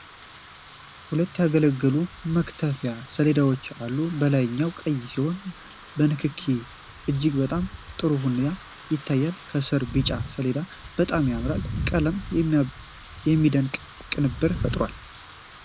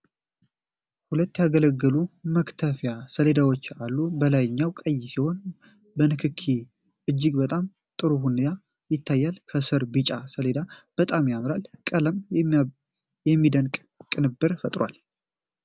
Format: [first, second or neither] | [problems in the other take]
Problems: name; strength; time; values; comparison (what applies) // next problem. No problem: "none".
second | background sound (Wind / Rain); 12 dB below the speech